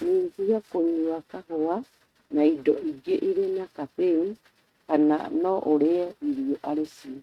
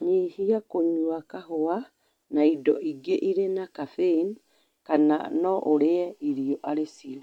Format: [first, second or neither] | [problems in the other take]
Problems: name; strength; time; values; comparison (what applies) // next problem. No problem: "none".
second | noise reduction (neural mask model RNNoise)